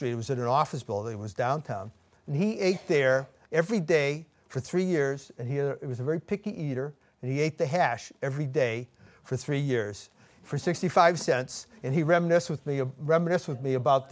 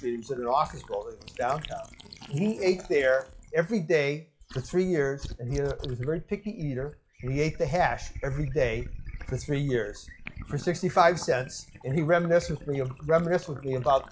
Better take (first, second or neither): first